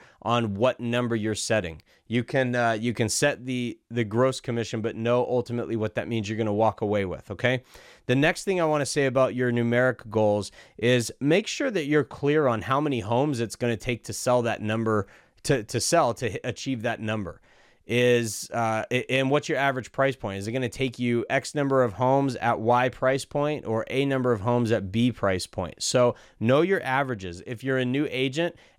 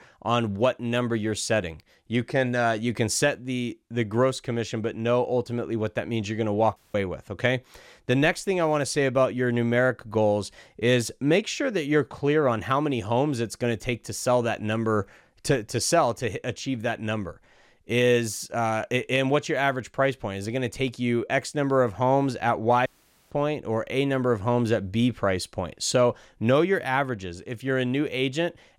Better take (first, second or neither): first